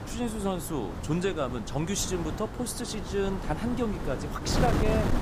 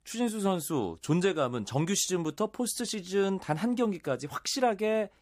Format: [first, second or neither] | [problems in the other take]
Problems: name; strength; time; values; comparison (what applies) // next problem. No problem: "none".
second | wind noise on the microphone; heavy; 5 dB below the speech